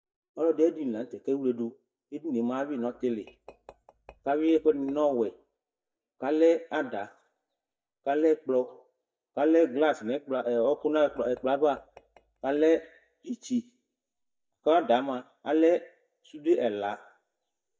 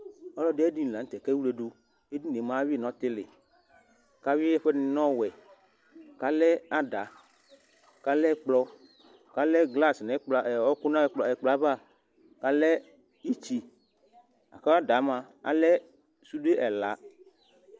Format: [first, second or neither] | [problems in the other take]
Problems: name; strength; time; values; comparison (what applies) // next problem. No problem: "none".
second | noise reduction (neural mask model DeepFilterNet 3)